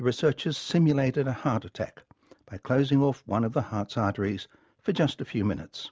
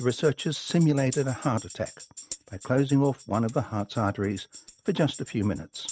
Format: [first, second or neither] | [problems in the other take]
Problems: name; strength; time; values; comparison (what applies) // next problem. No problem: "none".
first | noise reduction (neural mask model RNNoise)